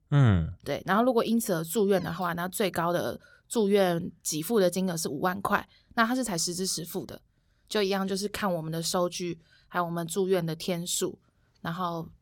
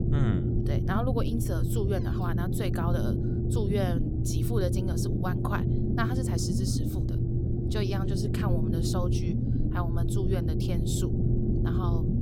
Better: first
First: none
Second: low rumble; loud; throughout; 1 dB below the speech

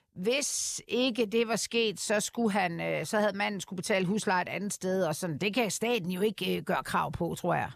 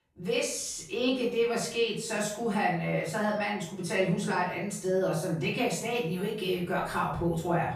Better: first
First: none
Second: off-mic speech; far // room echo; noticeable; dies away in 0.5 s

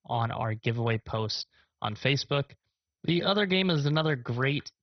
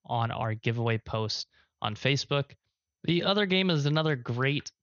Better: second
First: garbled, watery; badly; nothing above 6 kHz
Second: garbled, watery; slightly; nothing above 6.5 kHz

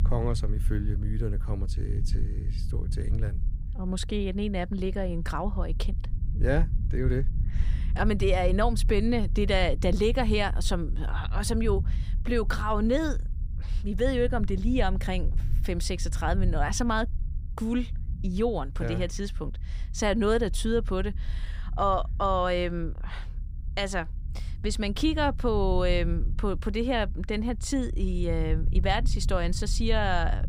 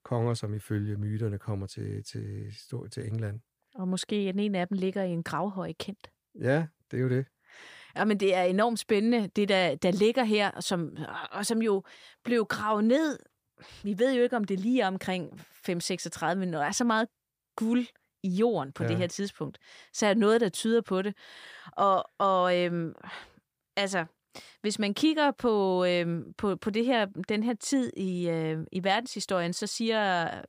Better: second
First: low rumble; faint; throughout; 20 dB below the speech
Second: none

